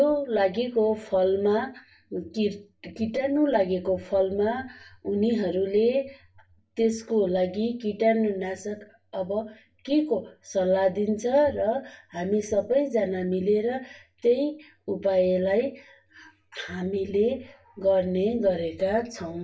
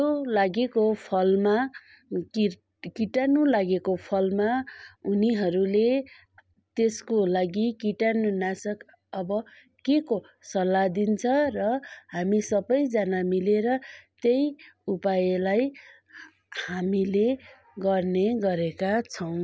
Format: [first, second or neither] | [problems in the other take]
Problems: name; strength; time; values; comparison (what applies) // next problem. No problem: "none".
second | room echo; dies away in 0.3 s